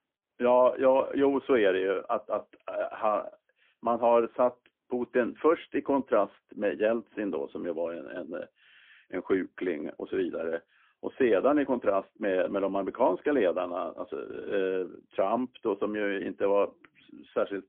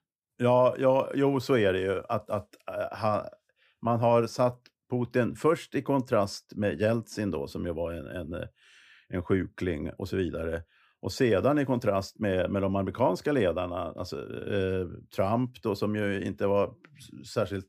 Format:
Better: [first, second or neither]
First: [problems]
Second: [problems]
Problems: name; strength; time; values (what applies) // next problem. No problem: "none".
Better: second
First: phone-call audio; poor line; nothing above 3.5 kHz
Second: none